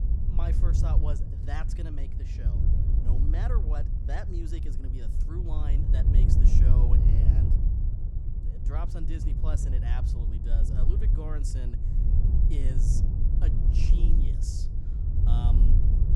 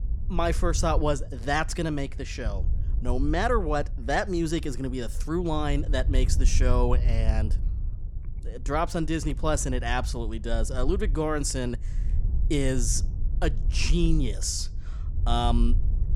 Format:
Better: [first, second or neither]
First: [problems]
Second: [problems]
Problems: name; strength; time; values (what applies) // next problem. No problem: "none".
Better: second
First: wind noise on the microphone; heavy; as loud as the speech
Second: wind noise on the microphone; occasional gusts; 20 dB below the speech